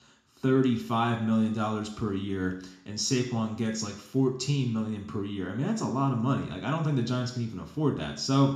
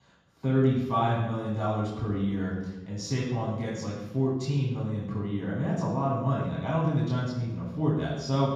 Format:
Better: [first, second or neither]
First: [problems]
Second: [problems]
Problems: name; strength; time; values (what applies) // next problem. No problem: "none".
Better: first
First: room echo; slight; dies away in 0.6 s // off-mic speech; somewhat distant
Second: room echo; strong; dies away in 1.3 s // off-mic speech; far